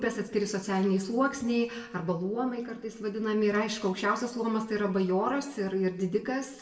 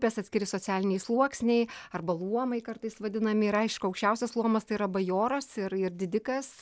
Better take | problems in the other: second | room echo; dies away in 0.6 s

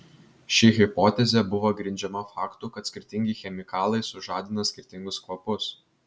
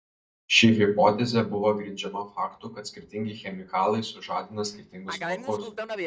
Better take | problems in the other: first | noise reduction (neural mask model DeepFilterNet 3)

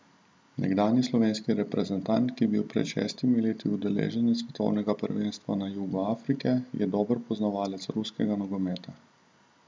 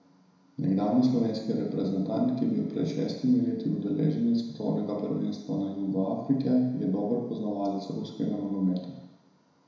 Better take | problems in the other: first | room echo; dies away in 1 s

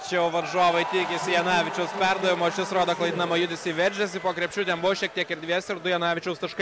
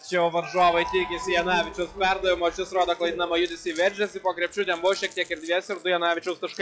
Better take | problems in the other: first | noise reduction (classical method log-MMSE)

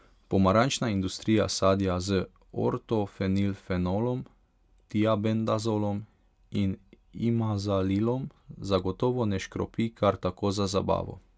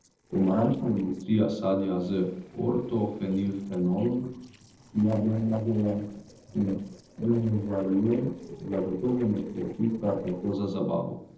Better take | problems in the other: first | noise reduction (neural separator model SepFormer DNS4)

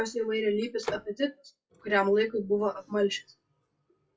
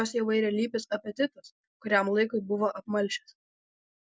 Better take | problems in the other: second | noise reduction (classical method WPE with log-MMSE)

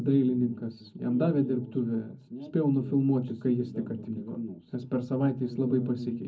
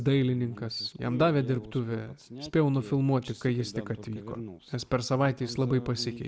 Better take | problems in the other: second | room echo; dies away in 0.4 s

